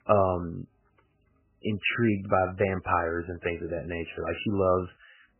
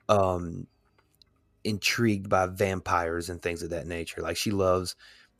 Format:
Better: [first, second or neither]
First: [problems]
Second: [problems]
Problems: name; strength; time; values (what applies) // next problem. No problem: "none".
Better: second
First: garbled, watery; badly; nothing above 3 kHz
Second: none